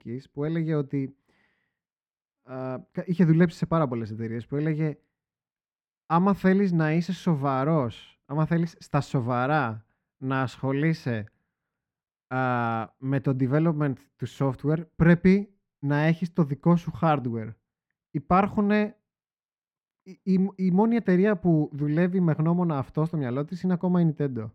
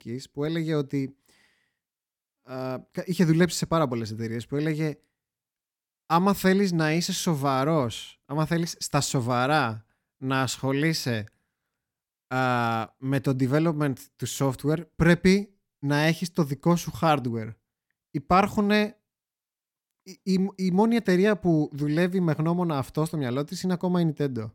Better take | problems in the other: second | muffled; slightly; fading above 4 kHz

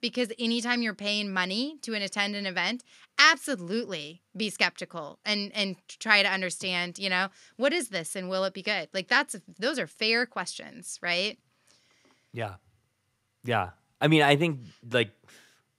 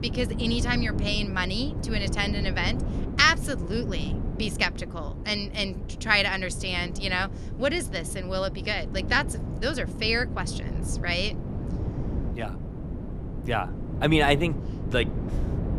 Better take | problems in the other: first | wind noise on the microphone; occasional gusts; 15 dB below the speech

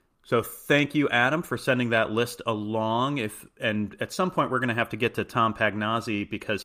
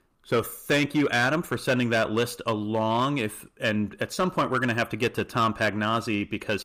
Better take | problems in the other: first | distortion; slight; 5% of the sound clipped

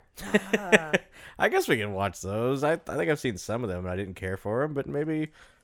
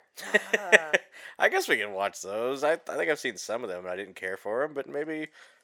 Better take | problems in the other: first | thin; somewhat; fading below 350 Hz

